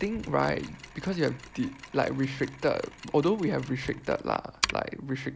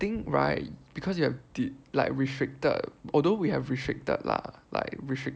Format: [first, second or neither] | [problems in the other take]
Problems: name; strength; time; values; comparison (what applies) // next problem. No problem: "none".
second | background sound (Mechanisms); 12 dB below the speech